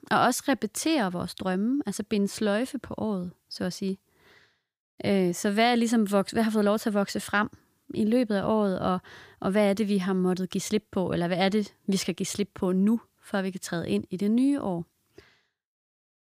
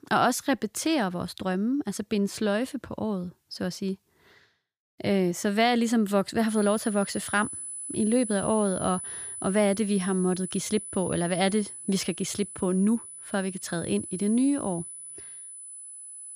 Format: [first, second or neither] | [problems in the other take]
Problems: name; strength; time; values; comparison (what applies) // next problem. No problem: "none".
first | high-pitched whine; loud; from 6.5 s on; 10 kHz, 9 dB below the speech